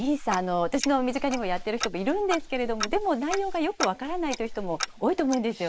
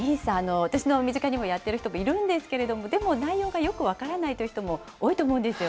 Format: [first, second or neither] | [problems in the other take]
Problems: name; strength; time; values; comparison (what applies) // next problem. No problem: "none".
second | noise reduction (neural mask model Resemble Enhance denoiser)